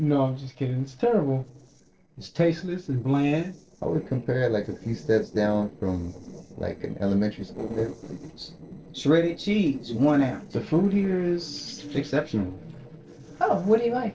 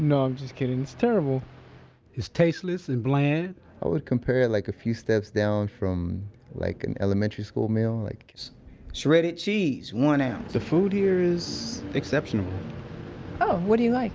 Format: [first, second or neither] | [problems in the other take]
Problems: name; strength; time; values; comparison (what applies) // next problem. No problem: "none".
second | noise reduction (neural separator model SepFormer DNS4)